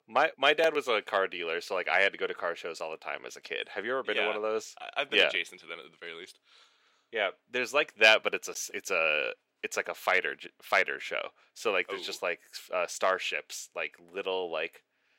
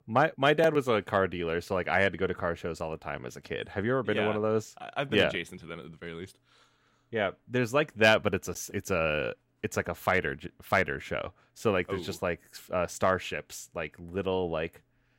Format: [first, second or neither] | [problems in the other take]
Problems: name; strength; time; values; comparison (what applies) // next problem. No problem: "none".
second | thin; somewhat; fading below 500 Hz